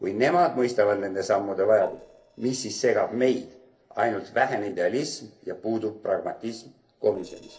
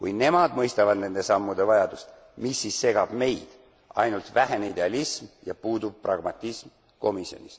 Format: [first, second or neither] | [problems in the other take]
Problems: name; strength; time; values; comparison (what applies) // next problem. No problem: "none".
second | noise reduction (neural separator model SepFormer DNS4)